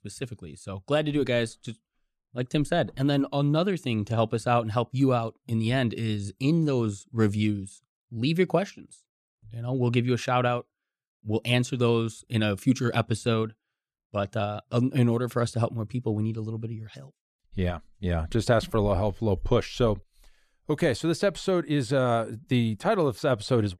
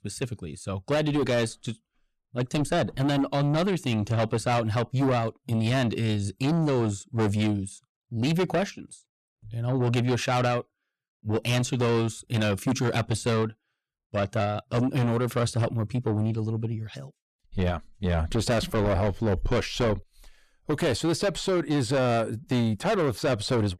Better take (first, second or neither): first